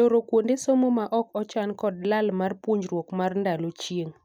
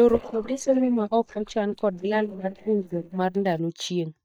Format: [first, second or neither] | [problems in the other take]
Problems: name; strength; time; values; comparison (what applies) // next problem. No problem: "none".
first | noise reduction (neural mask model DeepFilterNet 3)